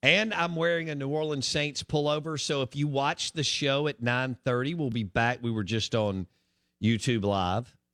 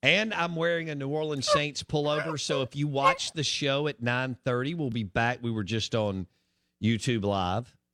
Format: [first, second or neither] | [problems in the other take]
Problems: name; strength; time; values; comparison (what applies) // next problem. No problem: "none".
first | dog barking; loud; from 1.5 to 3 s; peak 2 dB above the speech